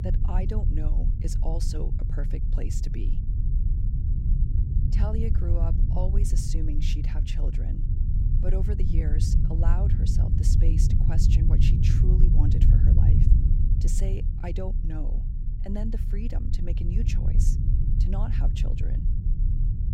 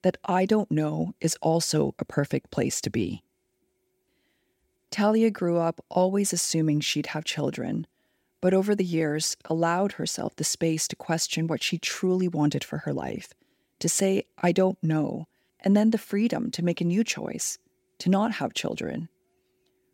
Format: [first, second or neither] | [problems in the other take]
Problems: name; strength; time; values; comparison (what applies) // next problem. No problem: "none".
second | low rumble; loud; throughout; as loud as the speech